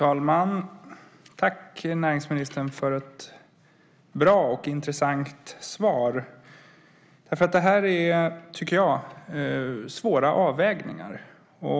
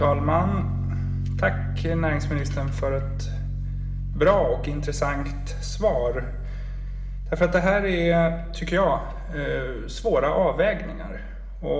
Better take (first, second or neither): first